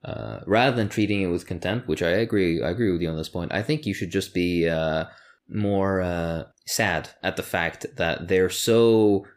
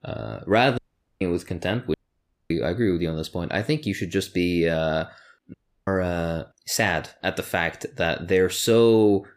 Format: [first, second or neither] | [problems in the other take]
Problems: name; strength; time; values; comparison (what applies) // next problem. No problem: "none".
first | audio cutting out; at 1 s, at 2 s for 0.5 s and at 5.5 s